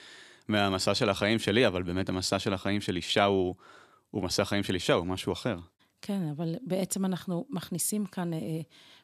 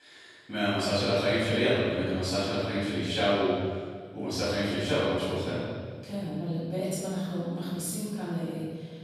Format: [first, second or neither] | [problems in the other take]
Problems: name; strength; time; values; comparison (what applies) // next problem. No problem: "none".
first | room echo; strong; dies away in 1.8 s // off-mic speech; far